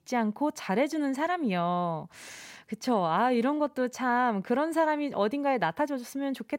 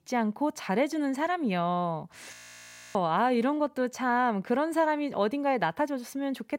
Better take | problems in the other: first | audio freezing; at 2.5 s for 0.5 s

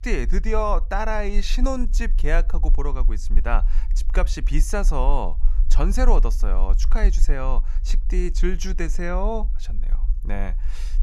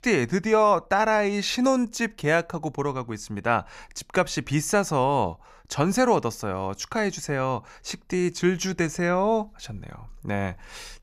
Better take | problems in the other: second | low rumble; faint; throughout; 20 dB below the speech

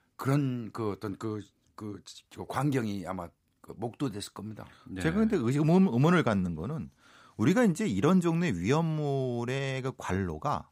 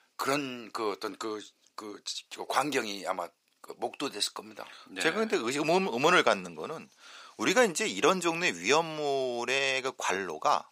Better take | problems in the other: first | thin; very; fading below 550 Hz

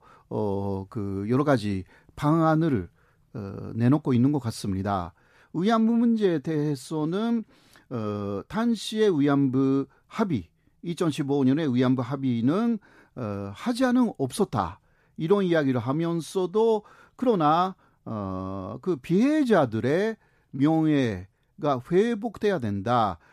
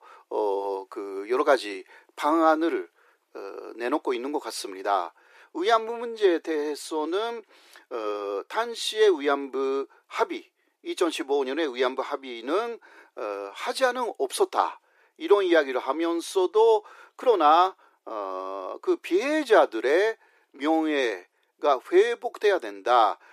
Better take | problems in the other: first | thin; very; fading below 350 Hz

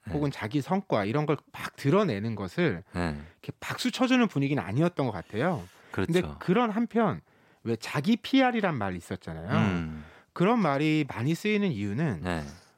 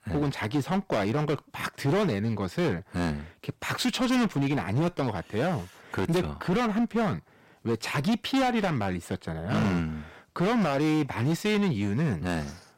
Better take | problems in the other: first | distortion; heavy; 13% of the sound clipped

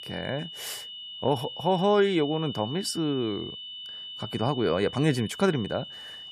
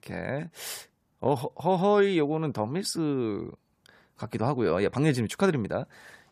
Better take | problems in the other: second | high-pitched whine; noticeable; throughout; 3 kHz, 10 dB below the speech

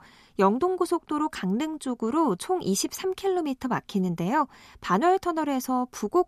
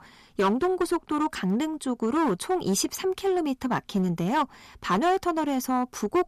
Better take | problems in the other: first | distortion; slight; 7% of the sound clipped

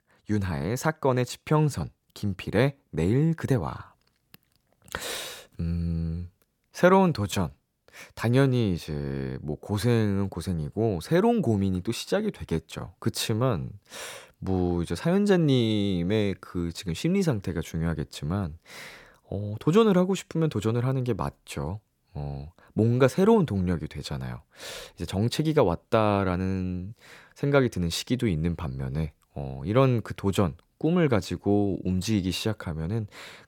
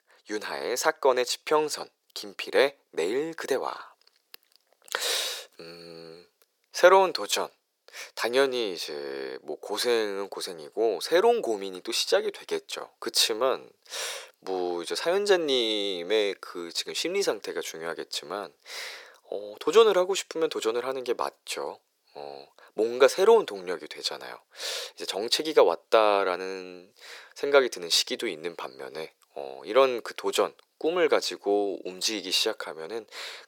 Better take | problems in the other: first | thin; very; fading below 400 Hz

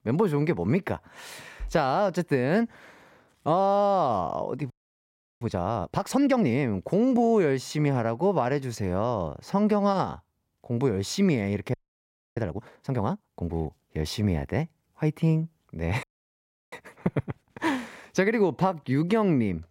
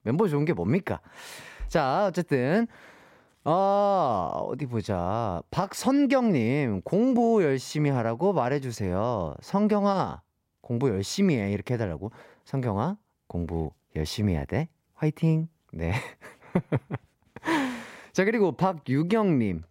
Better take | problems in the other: second | audio freezing; at 4.5 s for 0.5 s, at 12 s for 0.5 s and at 16 s for 0.5 s

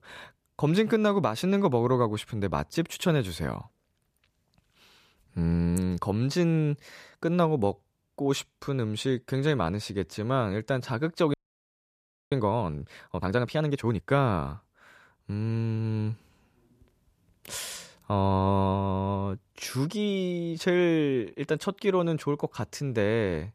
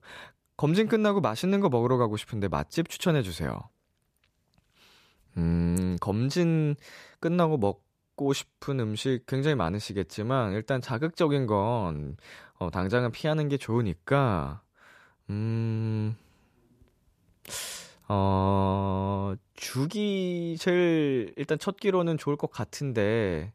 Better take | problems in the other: second | audio freezing; at 11 s for 1 s

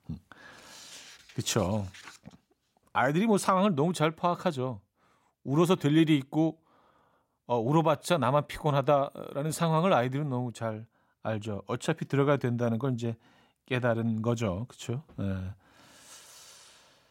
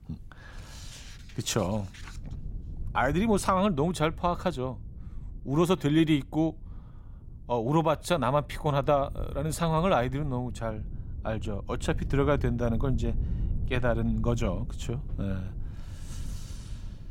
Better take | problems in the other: first | low rumble; faint; throughout; 25 dB below the speech

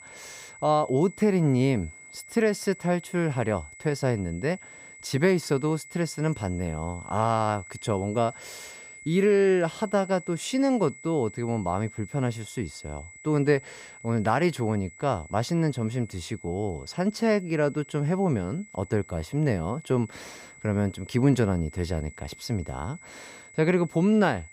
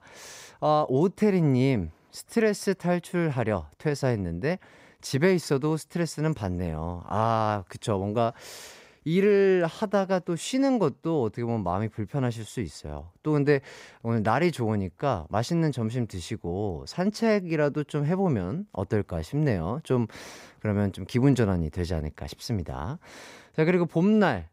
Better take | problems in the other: second | high-pitched whine; noticeable; throughout; 2 kHz, 20 dB below the speech

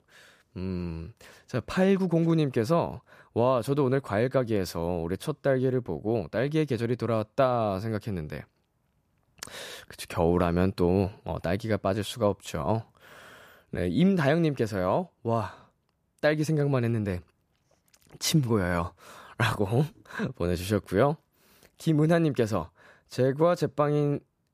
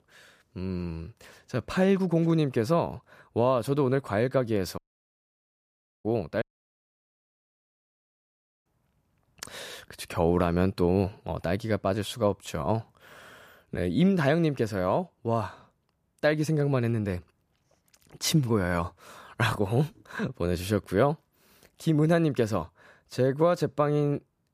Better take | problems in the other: first | audio cutting out; at 5 s for 1.5 s and at 6.5 s for 2 s

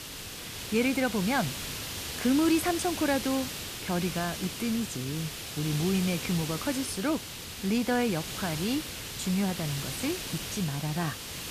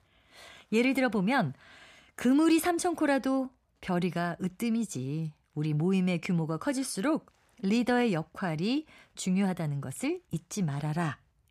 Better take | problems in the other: second | hiss; loud; throughout; 5 dB below the speech

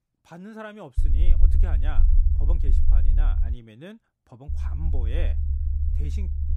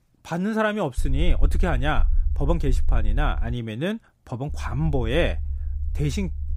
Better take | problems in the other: second | low rumble; loud; from 1 to 3.5 s and from 4.5 s on; 3 dB below the speech; faint in the second

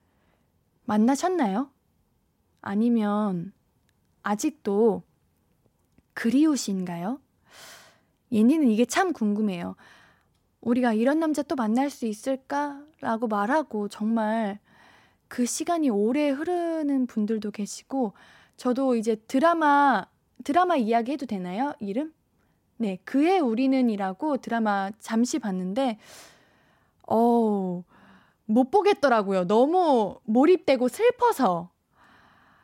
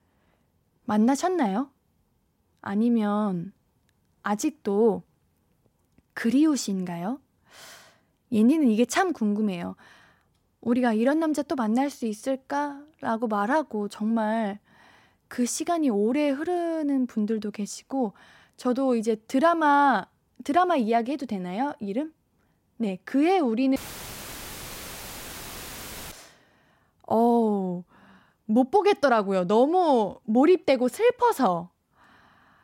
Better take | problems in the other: first | audio cutting out; filled with static; at 24 s for 2.5 s

